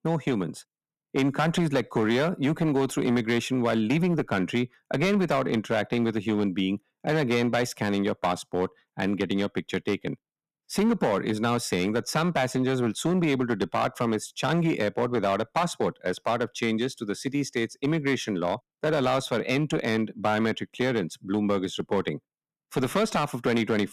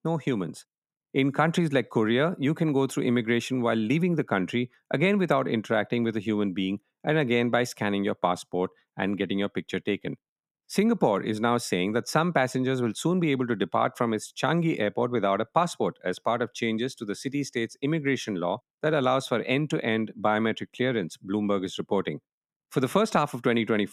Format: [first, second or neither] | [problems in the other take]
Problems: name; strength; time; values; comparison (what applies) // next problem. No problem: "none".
second | distortion; slight; 6% of the sound clipped